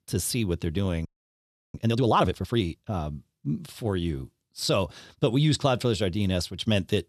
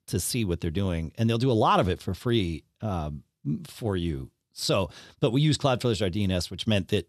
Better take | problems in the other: second | audio freezing; at 1 s for 0.5 s

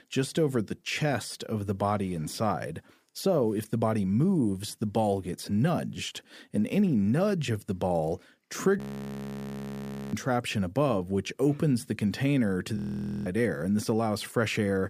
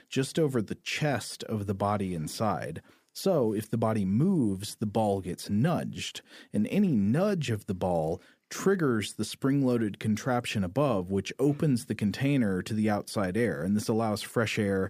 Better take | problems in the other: second | audio freezing; at 9 s for 1.5 s and at 13 s

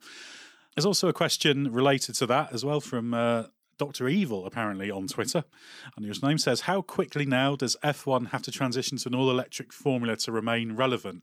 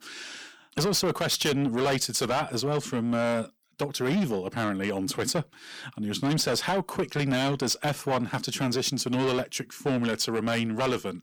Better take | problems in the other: first | distortion; heavy; 7 dB below the speech

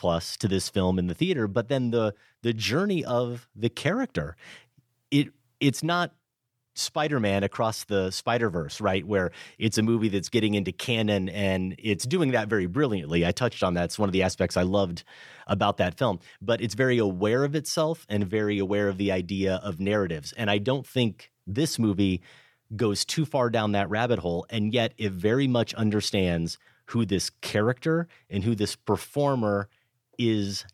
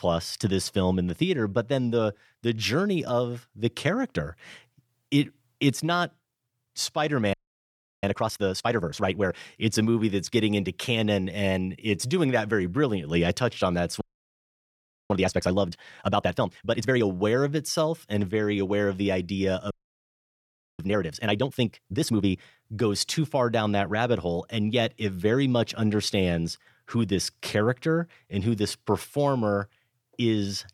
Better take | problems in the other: first | audio freezing; at 7.5 s for 0.5 s, at 14 s for 1 s and at 20 s for 1 s

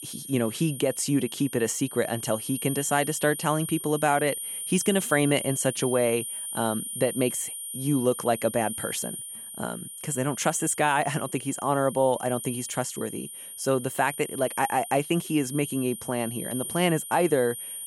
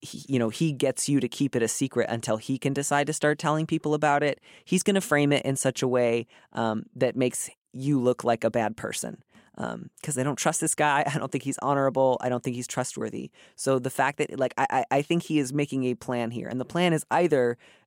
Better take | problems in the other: second | high-pitched whine; loud; throughout; 9.5 kHz, 7 dB below the speech

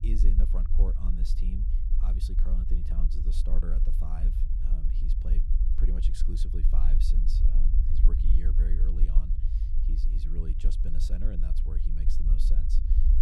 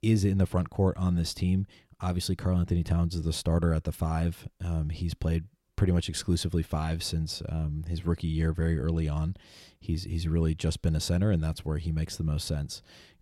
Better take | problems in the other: second | low rumble; loud; throughout; 2 dB below the speech

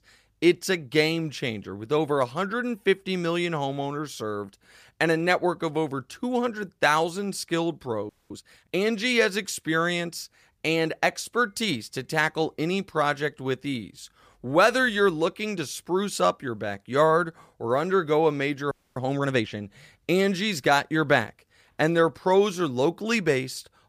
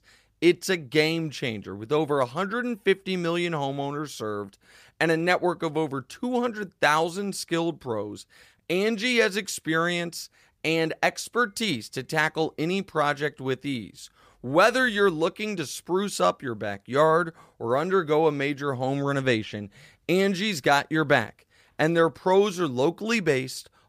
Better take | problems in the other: second | audio freezing; at 8 s and at 19 s

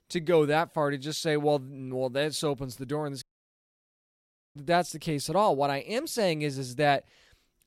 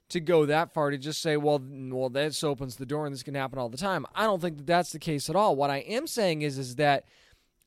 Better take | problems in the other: second | audio cutting out; at 3 s for 1.5 s

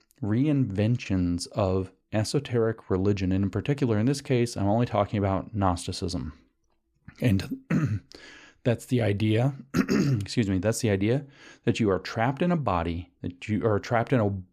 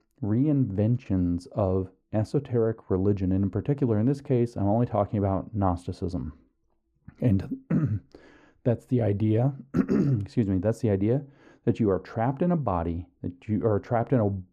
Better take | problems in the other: first | muffled; very; fading above 1.5 kHz

